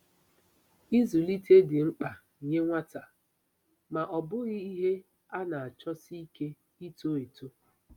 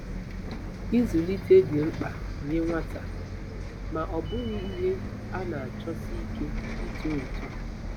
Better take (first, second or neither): first